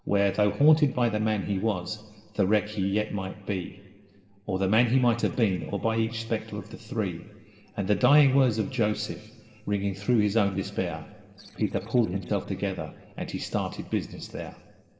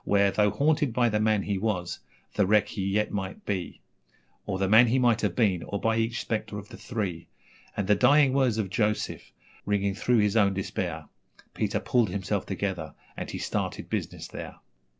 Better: second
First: noise reduction (neural separator model SepFormer DNS4)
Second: none

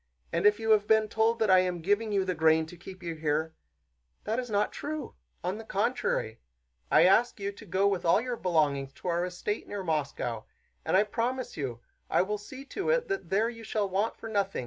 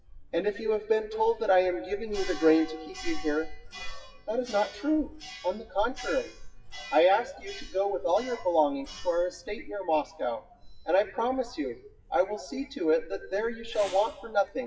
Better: first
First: none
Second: noise reduction (classical method WPE with log-MMSE)

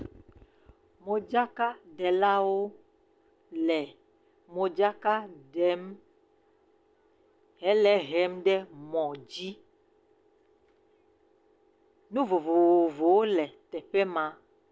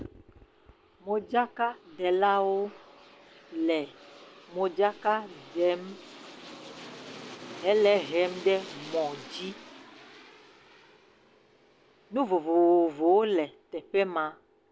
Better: first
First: none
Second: background sound (Aircraft); 19 dB below the speech

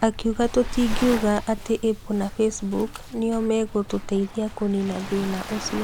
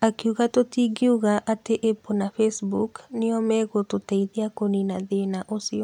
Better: second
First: background sound (Waves, surf); 9 dB below the speech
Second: none

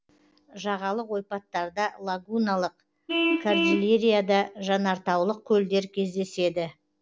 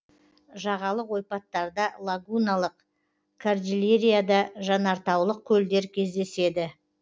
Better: second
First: background sound (Vehicle horn, car horn, honking); 7 dB below the speech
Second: none

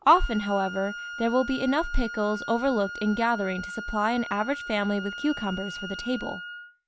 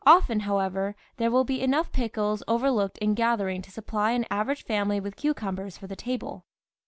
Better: second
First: background sound (Wind instrument, woodwind instrument); 11 dB below the speech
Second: none

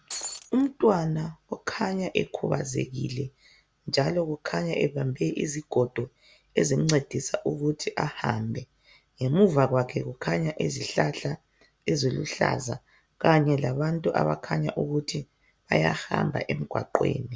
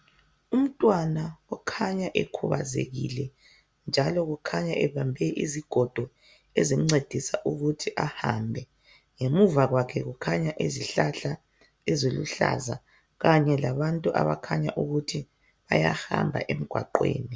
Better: second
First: background sound (Shatter); 10 dB below the speech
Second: none

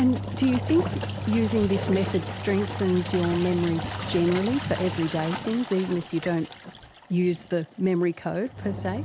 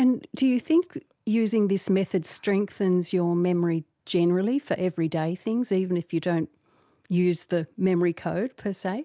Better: second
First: background sound (Engine); 7 dB below the speech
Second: none

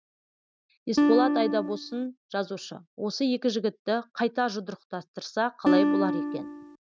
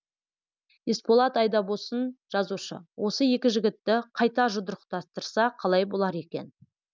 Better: second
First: noise reduction (neural mask model RNNoise)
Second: none

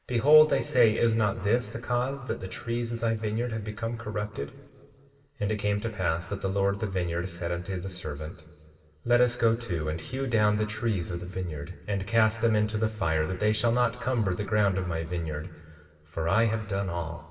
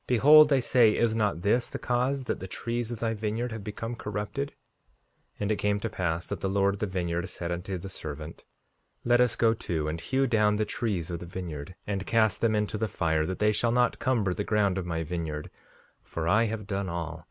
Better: second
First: room echo; dies away in 1.8 s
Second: none

